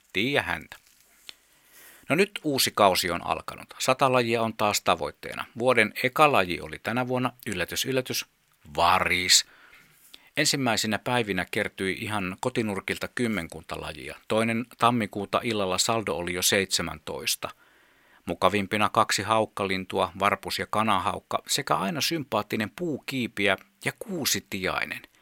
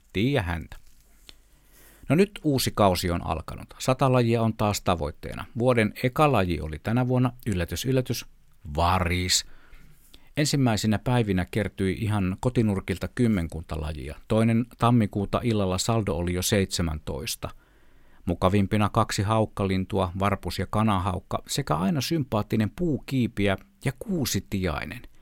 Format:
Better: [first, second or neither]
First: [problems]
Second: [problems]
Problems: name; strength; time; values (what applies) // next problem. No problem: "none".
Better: second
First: thin; somewhat; fading below 600 Hz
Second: none